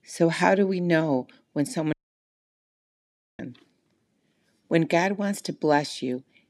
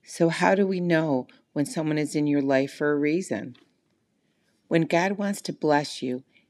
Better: second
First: audio cutting out; at 2 s for 1.5 s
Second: none

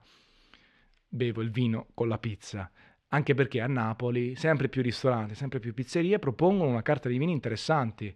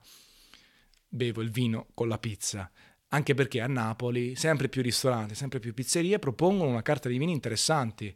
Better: second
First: muffled; slightly; fading above 3 kHz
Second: none

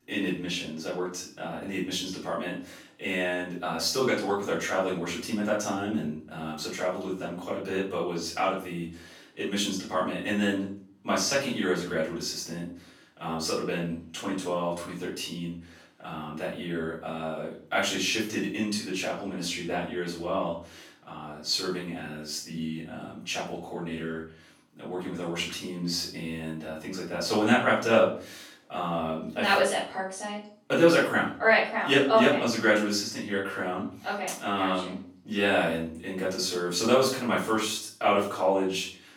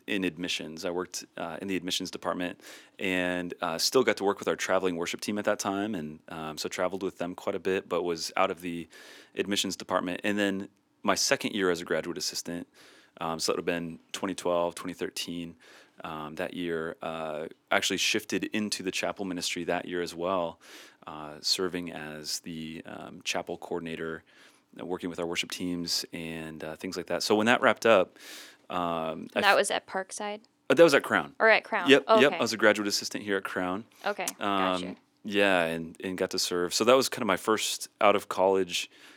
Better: second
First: off-mic speech; far // room echo; noticeable; dies away in 0.4 s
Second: none

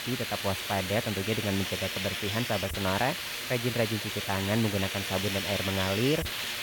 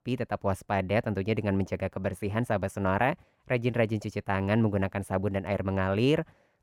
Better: second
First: hiss; loud; throughout; 1 dB below the speech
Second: none

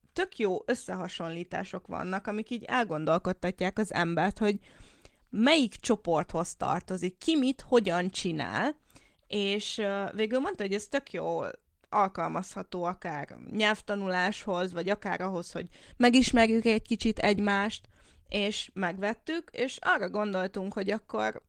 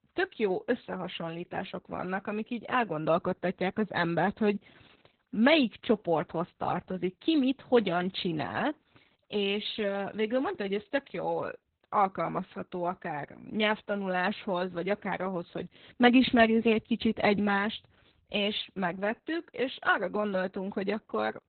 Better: first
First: garbled, watery; slightly; nothing above 17.5 kHz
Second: garbled, watery; badly; nothing above 4 kHz

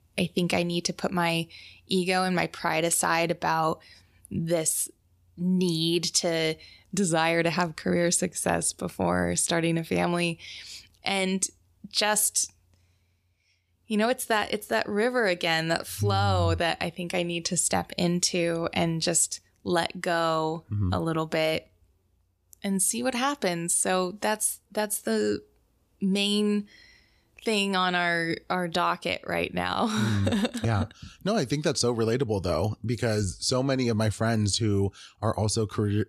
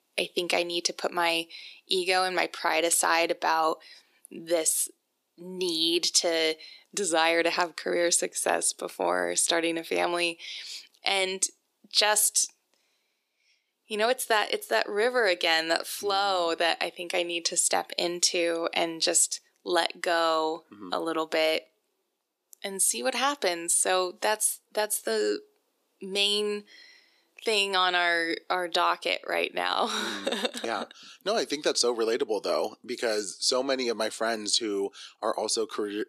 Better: first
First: none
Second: thin; very; fading below 300 Hz

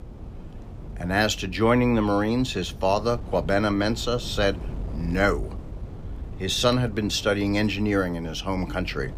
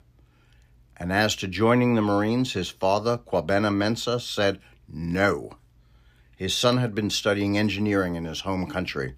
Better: second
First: wind noise on the microphone; occasional gusts; 20 dB below the speech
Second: none

